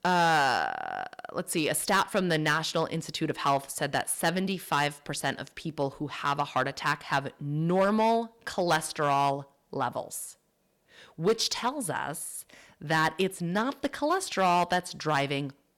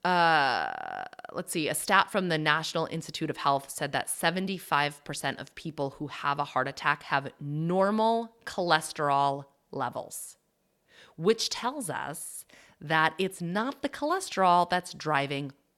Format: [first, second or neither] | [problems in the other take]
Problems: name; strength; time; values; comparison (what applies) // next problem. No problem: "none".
second | distortion; slight; 3% of the sound clipped